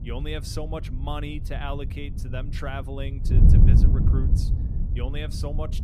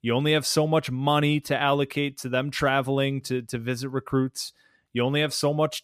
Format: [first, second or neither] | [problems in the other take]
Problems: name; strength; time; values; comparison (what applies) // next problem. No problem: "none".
second | wind noise on the microphone; heavy; 3 dB below the speech